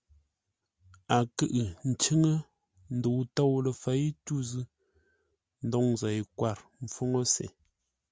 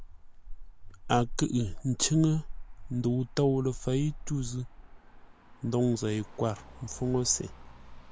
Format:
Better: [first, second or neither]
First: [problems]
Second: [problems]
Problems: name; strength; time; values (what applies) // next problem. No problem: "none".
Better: first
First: none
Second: background sound (Motor vehicle (road)); 11 dB below the speech